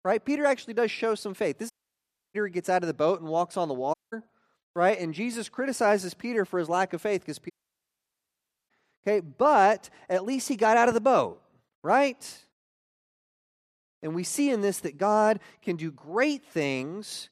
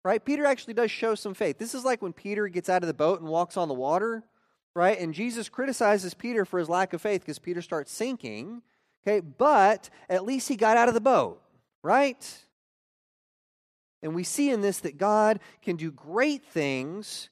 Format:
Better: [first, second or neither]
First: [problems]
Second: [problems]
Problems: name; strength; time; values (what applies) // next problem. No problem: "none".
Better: second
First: audio cutting out; at 1.5 s for 0.5 s, at 4 s and at 7.5 s for 1 s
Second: none